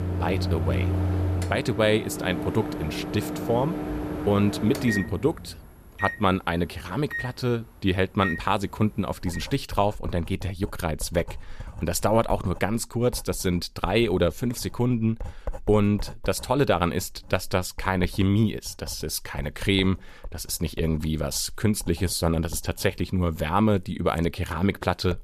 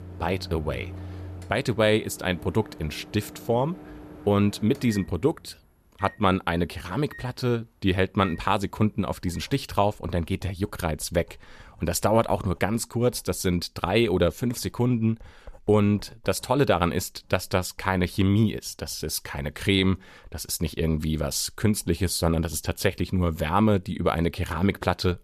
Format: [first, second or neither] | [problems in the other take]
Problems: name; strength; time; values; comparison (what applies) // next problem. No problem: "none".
second | household noises; loud; throughout; 7 dB below the speech; faint in the second